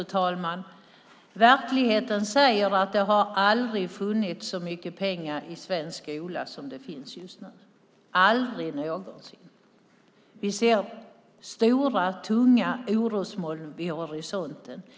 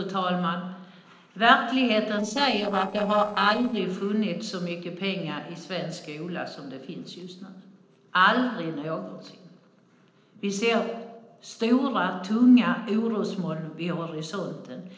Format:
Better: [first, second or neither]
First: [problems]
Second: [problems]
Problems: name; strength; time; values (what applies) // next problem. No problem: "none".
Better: first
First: none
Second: noise reduction (neural separator model SepFormer DNS4)